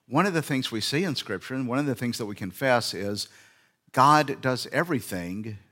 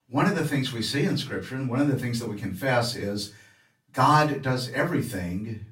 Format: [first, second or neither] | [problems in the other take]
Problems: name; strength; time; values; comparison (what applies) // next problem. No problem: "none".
first | off-mic speech; far // room echo; slight; dies away in 0.3 s